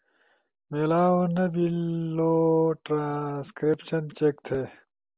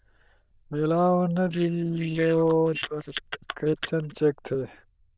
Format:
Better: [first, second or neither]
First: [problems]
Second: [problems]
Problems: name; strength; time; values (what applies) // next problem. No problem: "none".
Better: first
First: none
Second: noise reduction (neural diffusion model UNIVERSE++)